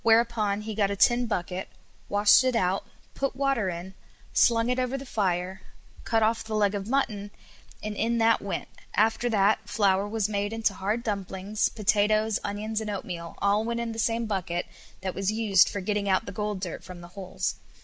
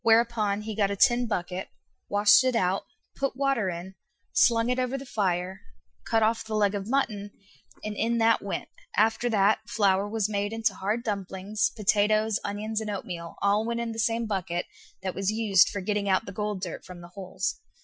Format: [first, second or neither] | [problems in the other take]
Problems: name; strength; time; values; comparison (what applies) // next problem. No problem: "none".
first | noise reduction (classical method Wiener filter)